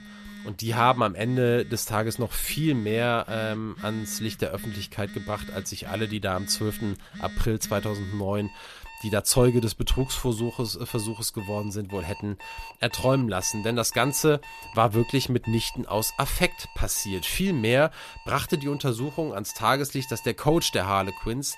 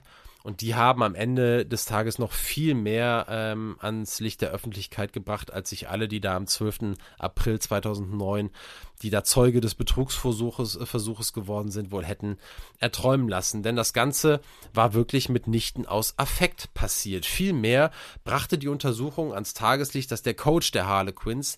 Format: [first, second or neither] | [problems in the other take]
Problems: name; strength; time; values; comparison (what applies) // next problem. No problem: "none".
second | alarms or sirens; noticeable; throughout; 15 dB below the speech